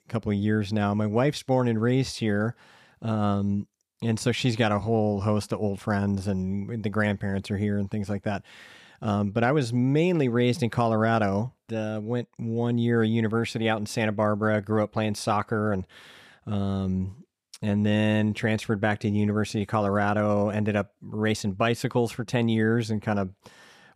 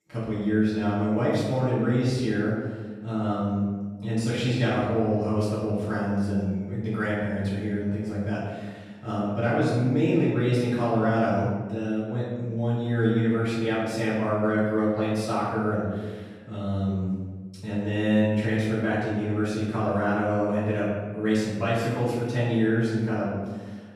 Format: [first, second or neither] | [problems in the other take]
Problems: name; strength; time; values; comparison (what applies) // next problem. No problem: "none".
first | room echo; strong; dies away in 1.3 s // off-mic speech; far